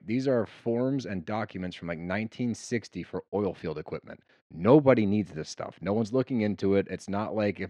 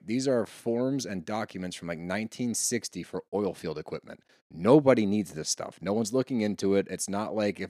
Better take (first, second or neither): second